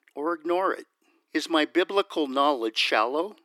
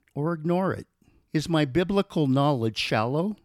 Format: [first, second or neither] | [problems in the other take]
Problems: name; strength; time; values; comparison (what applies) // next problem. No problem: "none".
second | thin; very; fading below 300 Hz